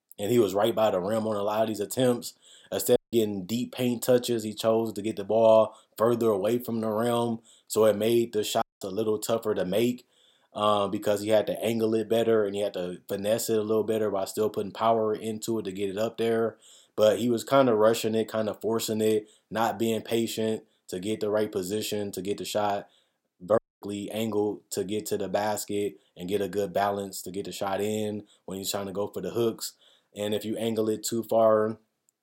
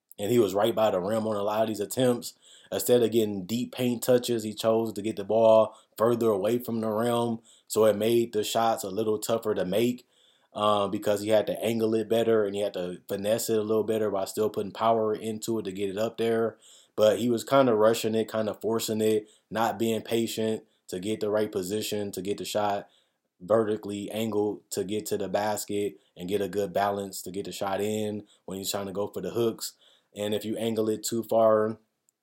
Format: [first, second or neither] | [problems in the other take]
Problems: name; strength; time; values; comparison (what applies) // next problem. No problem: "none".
second | audio cutting out; at 3 s, at 8.5 s and at 24 s